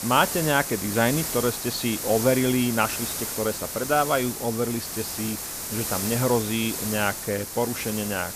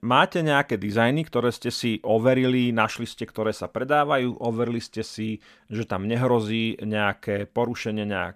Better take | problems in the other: second | hiss; loud; throughout; 4 dB below the speech

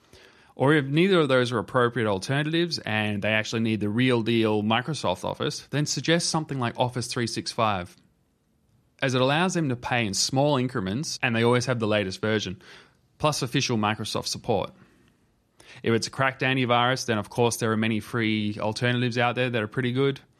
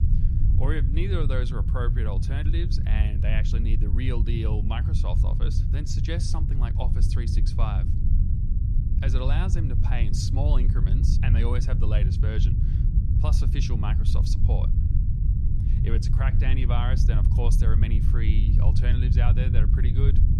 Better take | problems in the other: first | low rumble; loud; throughout; 3 dB below the speech

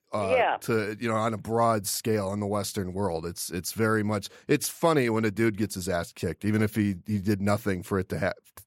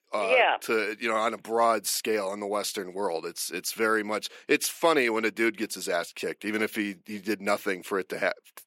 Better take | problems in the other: first | thin; somewhat; fading below 300 Hz

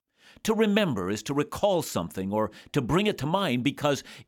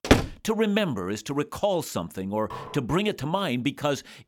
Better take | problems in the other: first | door banging; loud; at the start; peak 5 dB above the speech // clattering dishes; faint; at 2.5 s; peak 10 dB below the speech

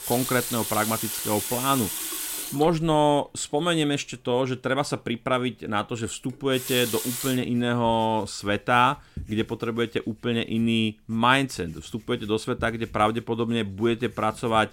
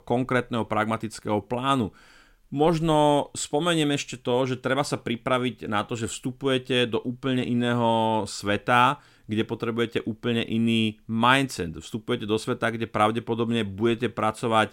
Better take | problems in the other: second | household noises; loud; throughout; 5 dB below the speech

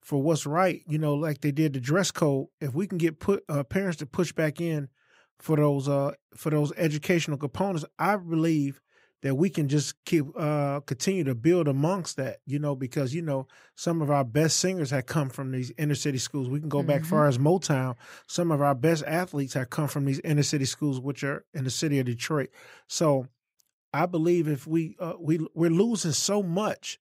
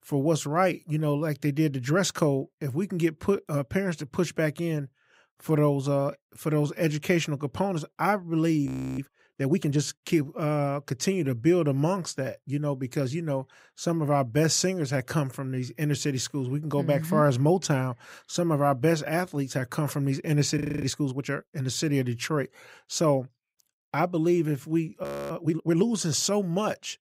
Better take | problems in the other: first | audio freezing; at 8.5 s, at 21 s and at 25 s

